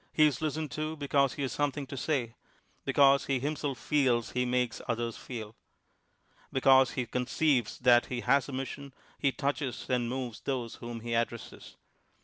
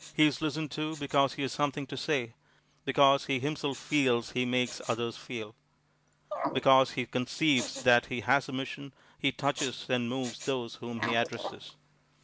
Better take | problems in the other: first | background sound (Respiratory sounds); 14 dB below the speech

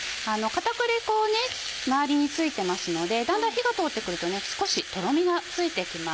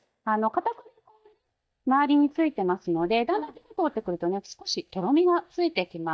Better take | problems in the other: first | noise reduction (neural mask model DeepFilterNet 3)

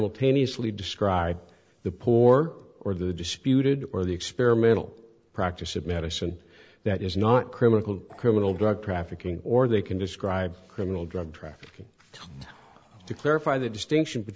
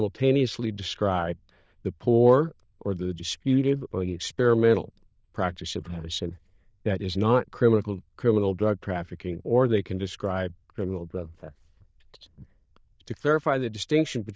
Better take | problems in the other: first | noise reduction (neural diffusion model UNIVERSE++)

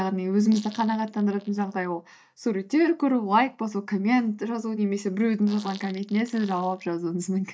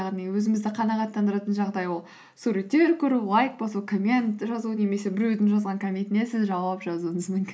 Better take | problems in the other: second | noise reduction (neural mask model DeepFilterNet 3)

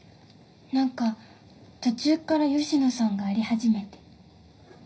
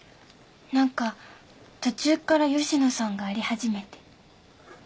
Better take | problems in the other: second | room echo; dies away in 0.5 s

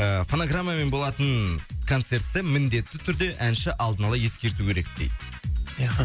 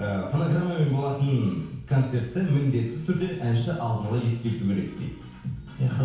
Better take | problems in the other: first | room echo; dies away in 1 s

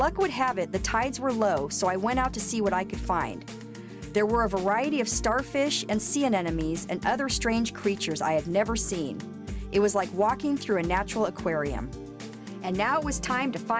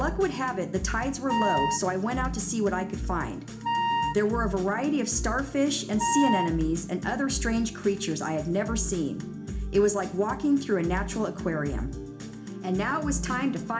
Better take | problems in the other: first | background sound (Wind instrument, woodwind instrument); 2 dB below the speech // room echo; dies away in 0.4 s

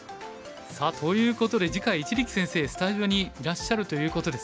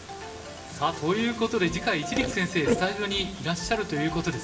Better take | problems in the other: first | background sound (Burping, eructation); 8 dB below the speech // room echo; dies away in 2.3 s

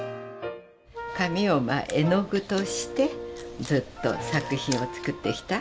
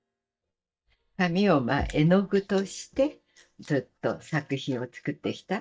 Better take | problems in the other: first | noise reduction (neural mask model DeepFilterNet 3)

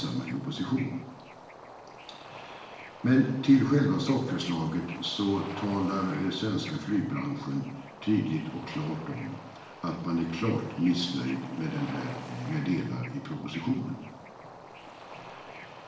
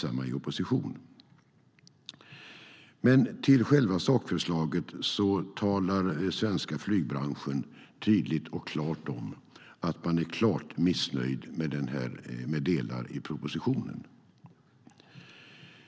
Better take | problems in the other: second | background sound (Bird / Ocean); 15 dB below the speech // room echo; dies away in 0.8 s

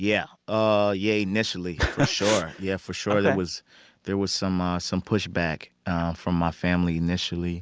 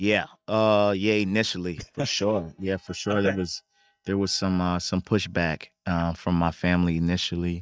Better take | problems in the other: first | noise reduction (neural mask model DeepFilterNet 3)

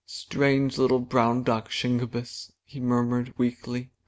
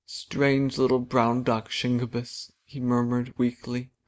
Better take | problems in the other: first | noise reduction (neural mask model Resemble Enhance denoiser)

